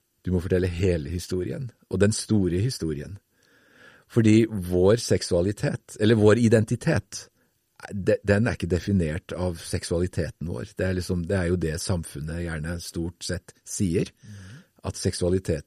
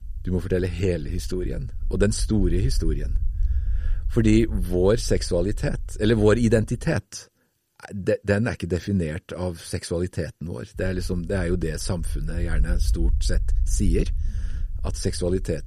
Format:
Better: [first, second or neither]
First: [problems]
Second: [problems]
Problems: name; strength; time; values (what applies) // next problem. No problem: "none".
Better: first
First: none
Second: low rumble; faint; until 7 s and from 11 s on; 25 dB below the speech